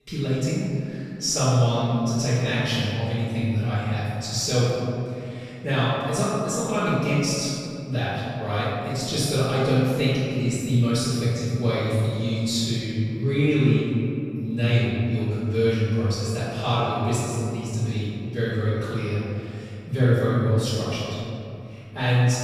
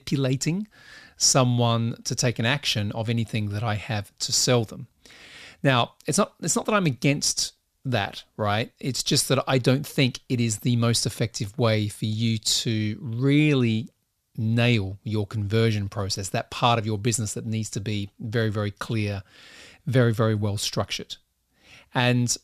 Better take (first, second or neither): second